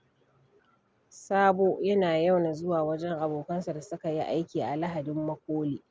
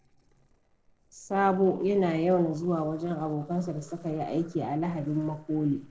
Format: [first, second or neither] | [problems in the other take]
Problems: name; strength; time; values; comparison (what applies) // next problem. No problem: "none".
first | noise reduction (neural separator model SepFormer DNS4)